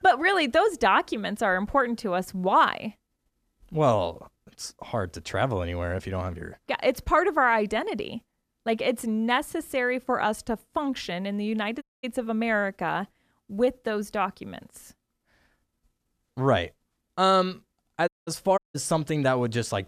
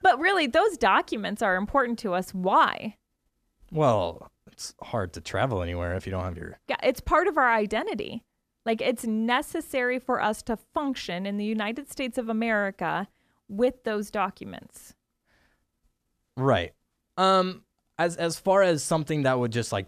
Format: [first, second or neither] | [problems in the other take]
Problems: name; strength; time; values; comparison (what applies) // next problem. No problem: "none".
second | audio cutting out; at 12 s, at 18 s and at 19 s